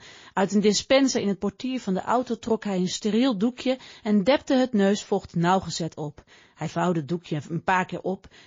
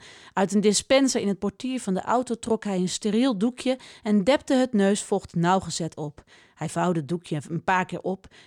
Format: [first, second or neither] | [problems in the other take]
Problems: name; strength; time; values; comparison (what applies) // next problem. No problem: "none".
second | garbled, watery; slightly